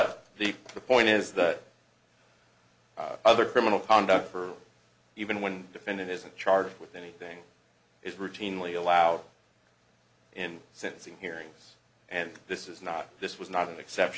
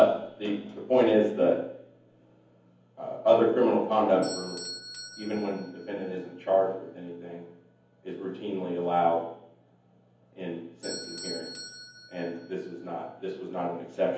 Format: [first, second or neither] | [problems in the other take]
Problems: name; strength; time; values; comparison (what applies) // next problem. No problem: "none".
first | background sound (Bell / Doorbell); 19 dB below the speech // room echo; dies away in 0.7 s